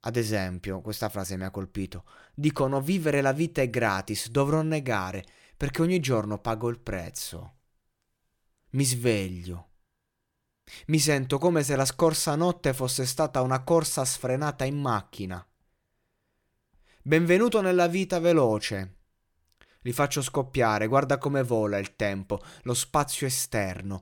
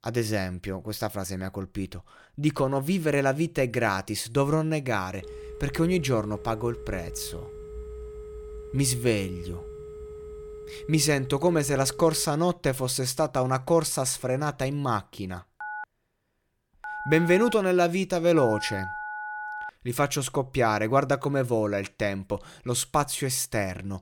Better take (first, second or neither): first